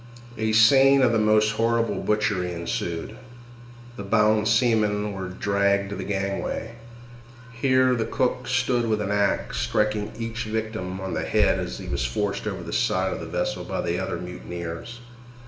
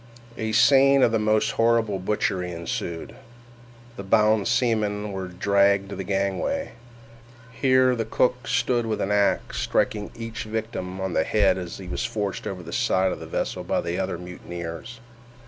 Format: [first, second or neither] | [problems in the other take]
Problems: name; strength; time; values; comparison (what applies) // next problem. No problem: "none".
second | room echo; dies away in 0.8 s